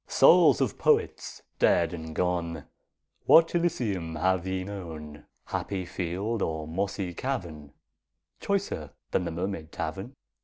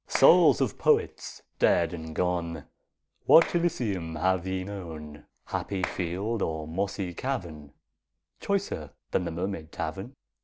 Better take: first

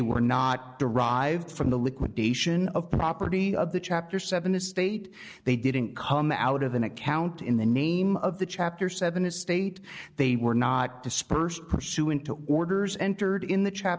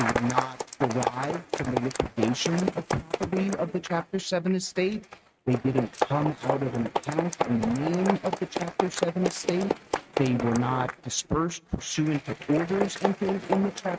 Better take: first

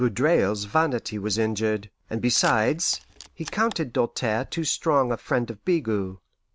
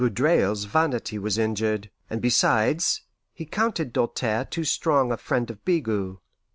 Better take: second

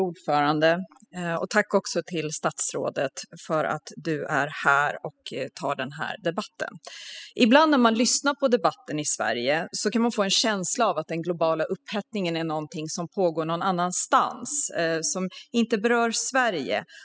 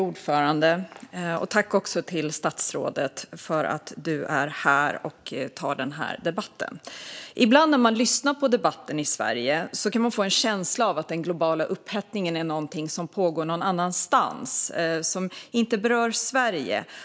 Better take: second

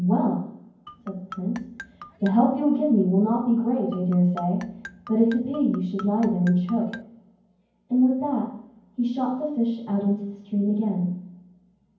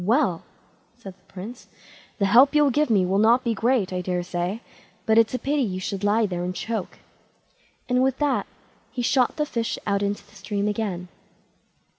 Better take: second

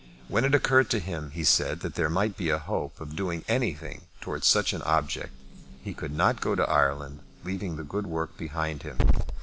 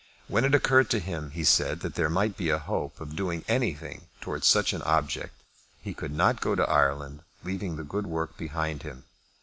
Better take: second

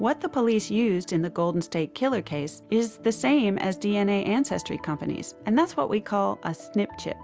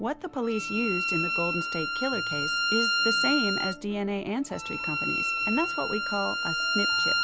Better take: first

